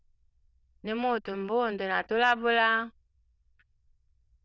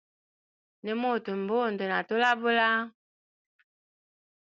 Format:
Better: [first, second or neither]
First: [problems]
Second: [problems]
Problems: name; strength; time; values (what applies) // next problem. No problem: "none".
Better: second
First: noise reduction (neural diffusion model UNIVERSE++)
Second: none